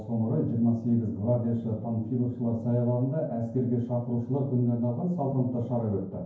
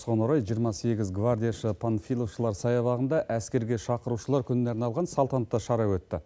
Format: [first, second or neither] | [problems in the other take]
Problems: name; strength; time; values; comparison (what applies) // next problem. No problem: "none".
second | room echo; dies away in 0.9 s